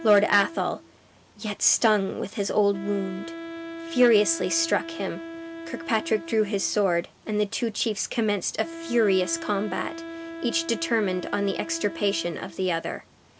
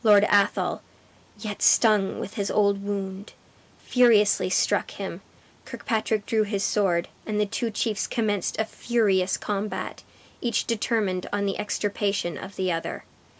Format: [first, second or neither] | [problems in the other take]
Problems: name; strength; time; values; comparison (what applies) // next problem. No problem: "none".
second | background sound (Wind instrument, woodwind instrument); 13 dB below the speech